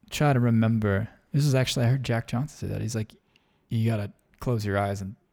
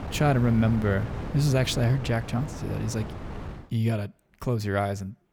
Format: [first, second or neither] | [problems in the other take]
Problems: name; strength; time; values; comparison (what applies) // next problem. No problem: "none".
first | wind noise on the microphone; occasional gusts; until 3.5 s; 10 dB below the speech